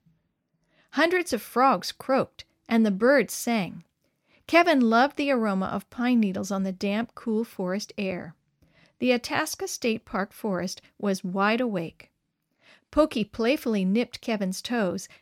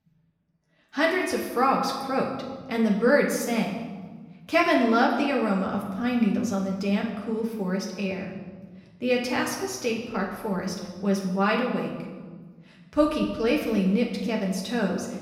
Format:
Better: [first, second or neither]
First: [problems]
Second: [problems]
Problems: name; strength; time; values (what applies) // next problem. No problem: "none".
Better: first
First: none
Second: room echo; noticeable; dies away in 1.3 s // off-mic speech; far